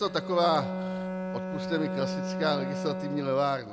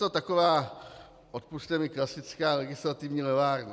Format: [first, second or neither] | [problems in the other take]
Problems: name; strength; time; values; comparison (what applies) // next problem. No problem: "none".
second | background sound (Bowed string instrument); 4 dB below the speech